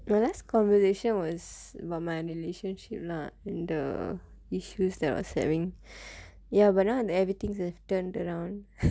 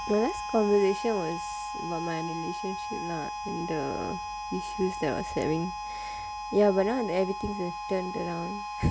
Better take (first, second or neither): first